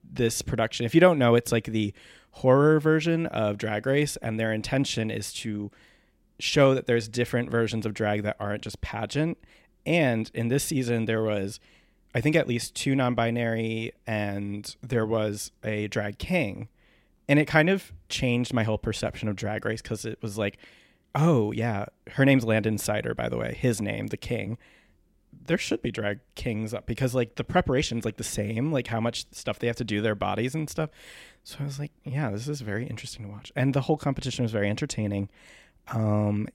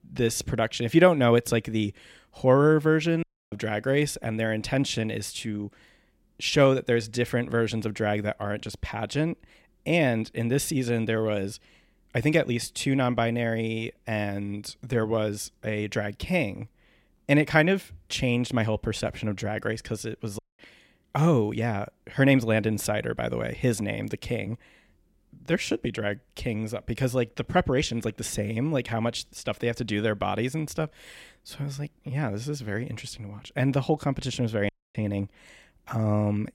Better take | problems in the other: first | audio cutting out; at 3 s, at 20 s and at 35 s

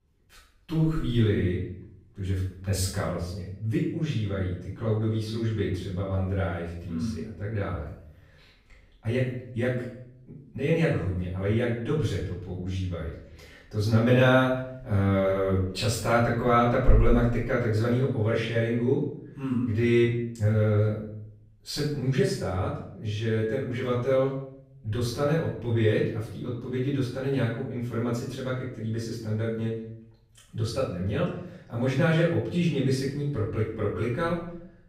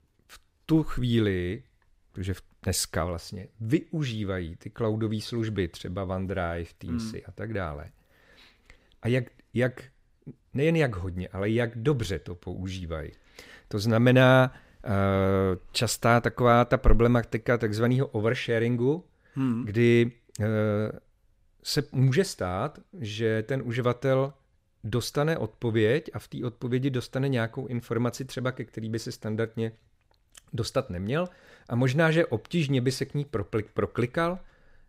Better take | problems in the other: second | room echo; noticeable; dies away in 0.6 s // off-mic speech; far

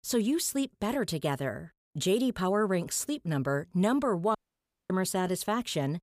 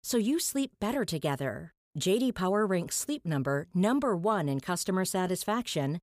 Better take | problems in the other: second | audio cutting out; at 4.5 s for 0.5 s

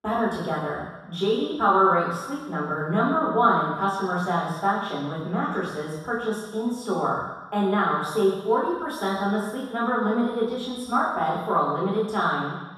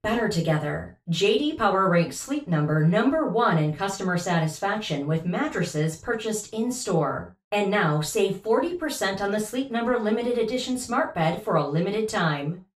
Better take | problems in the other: second | room echo; strong; dies away in 1.2 s; slight in the second // off-mic speech; far; far in the second

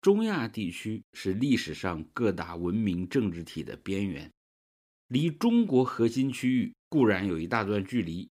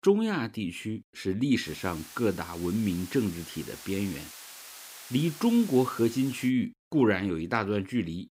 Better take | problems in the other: first | hiss; noticeable; from 1.5 to 6.5 s; 15 dB below the speech

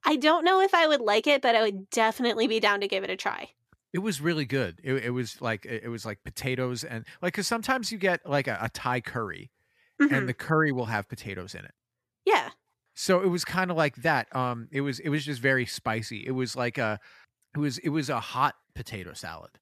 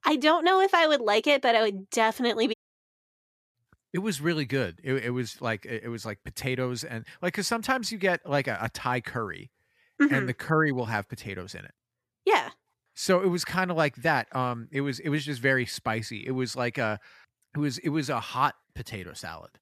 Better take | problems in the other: first | audio cutting out; at 2.5 s for 1 s

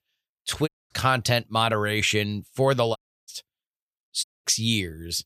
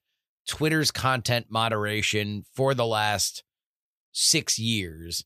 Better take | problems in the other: second | audio cutting out; at 0.5 s, at 3 s and at 4 s

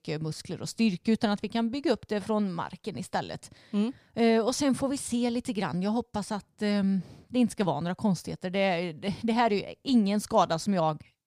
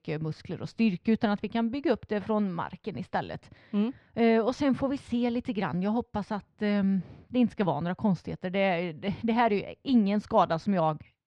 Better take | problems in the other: first | muffled; slightly; fading above 2.5 kHz

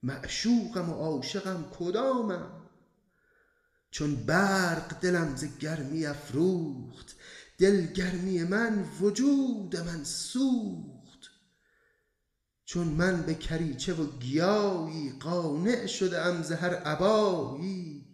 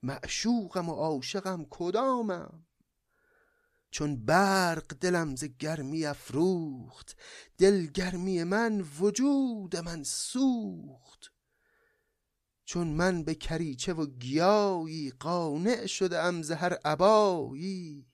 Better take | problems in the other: second | room echo; slight; dies away in 0.8 s

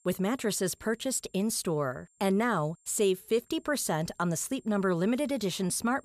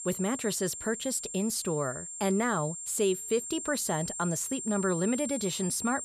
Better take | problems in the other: first | high-pitched whine; loud; throughout; 7.5 kHz, 6 dB below the speech; faint in the first

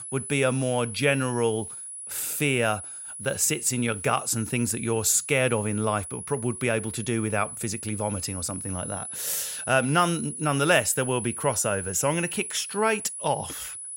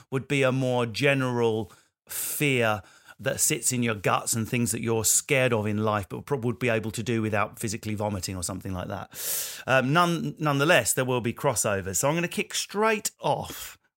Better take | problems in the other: second | high-pitched whine; loud; throughout; 10 kHz, 8 dB below the speech

